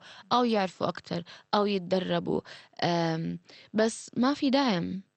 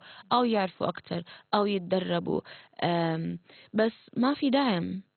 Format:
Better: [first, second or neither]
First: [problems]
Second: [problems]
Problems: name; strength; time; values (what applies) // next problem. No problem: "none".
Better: first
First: garbled, watery; slightly; nothing above 8.5 kHz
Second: garbled, watery; badly; nothing above 4 kHz